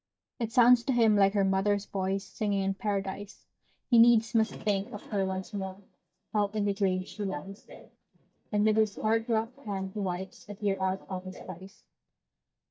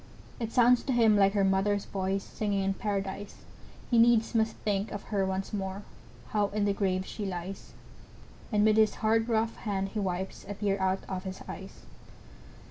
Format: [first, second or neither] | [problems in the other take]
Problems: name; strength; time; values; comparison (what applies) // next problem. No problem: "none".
second | noise reduction (neural mask model DeepFilterNet 3)